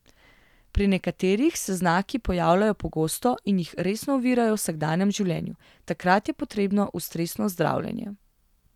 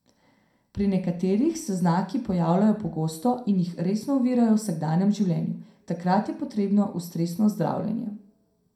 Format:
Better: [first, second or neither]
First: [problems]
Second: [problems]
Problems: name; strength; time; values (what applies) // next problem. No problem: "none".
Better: first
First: none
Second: room echo; dies away in 0.4 s